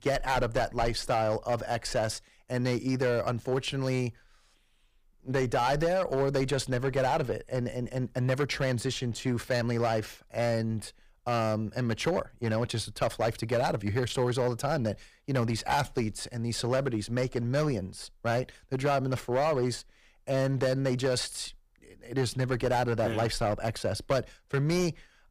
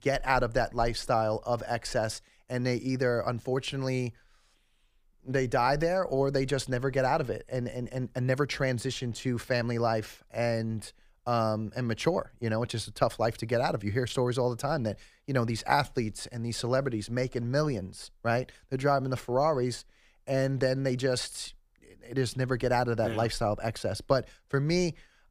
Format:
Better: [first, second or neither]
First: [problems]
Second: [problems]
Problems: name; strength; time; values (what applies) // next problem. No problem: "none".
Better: second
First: distortion; slight; 6% of the sound clipped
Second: none